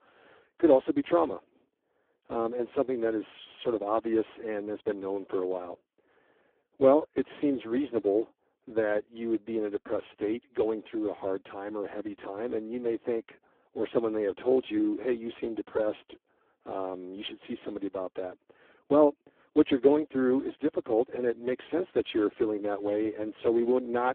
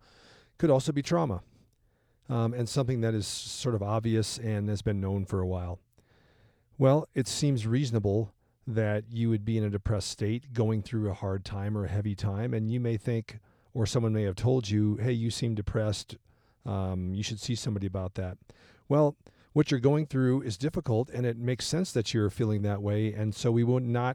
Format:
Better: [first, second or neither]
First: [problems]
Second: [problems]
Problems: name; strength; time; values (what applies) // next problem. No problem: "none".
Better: second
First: phone-call audio; poor line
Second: none